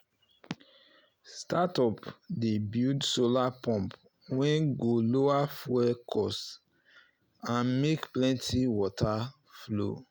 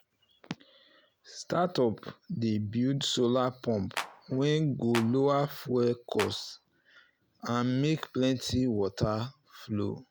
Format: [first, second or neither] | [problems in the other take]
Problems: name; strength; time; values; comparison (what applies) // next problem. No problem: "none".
first | background sound (Clapping); 9 dB below the speech